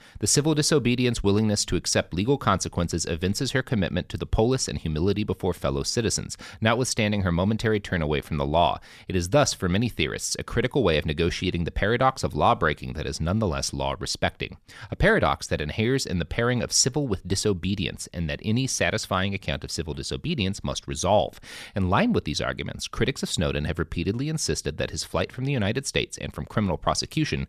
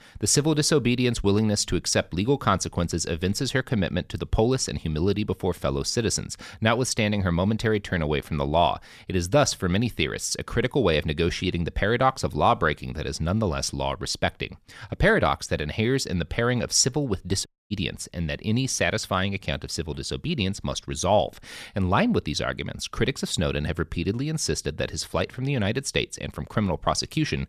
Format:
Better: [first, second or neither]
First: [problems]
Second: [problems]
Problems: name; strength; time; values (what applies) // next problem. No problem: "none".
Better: first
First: none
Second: audio cutting out; at 17 s